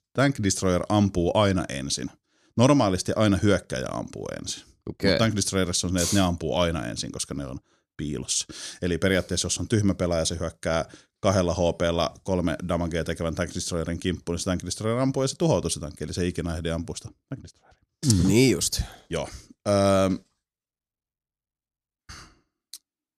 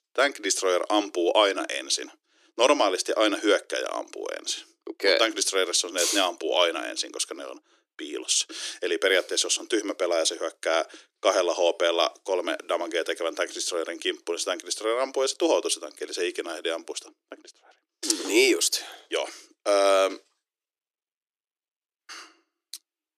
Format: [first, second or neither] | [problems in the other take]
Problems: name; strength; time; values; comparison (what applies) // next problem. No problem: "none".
first | thin; very; fading below 300 Hz